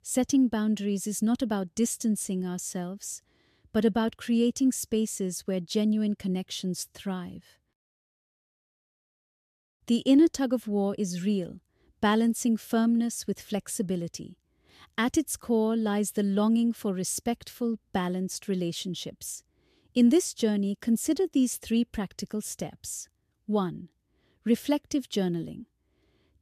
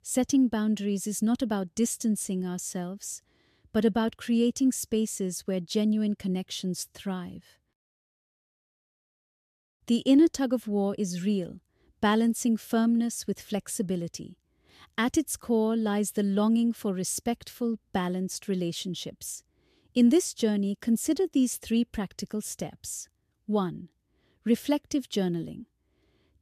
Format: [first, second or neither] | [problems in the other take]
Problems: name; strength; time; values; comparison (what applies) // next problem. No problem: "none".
neither | none